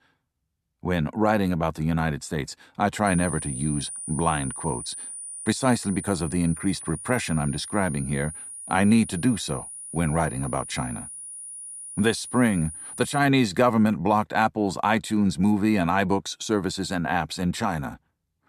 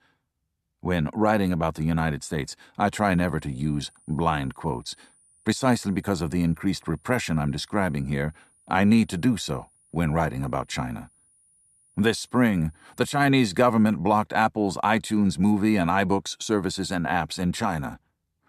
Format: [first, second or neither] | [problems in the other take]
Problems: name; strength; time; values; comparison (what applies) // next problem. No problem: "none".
second | high-pitched whine; loud; from 3 to 13 s; 9.5 kHz, 10 dB below the speech; faint in the second